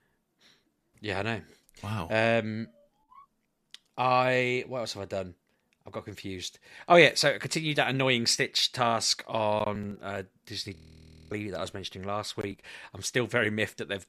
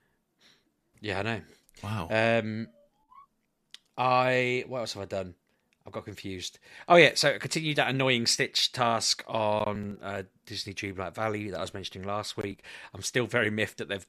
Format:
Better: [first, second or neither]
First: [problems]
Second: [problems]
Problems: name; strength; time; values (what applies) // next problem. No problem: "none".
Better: second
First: audio freezing; at 11 s for 0.5 s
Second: none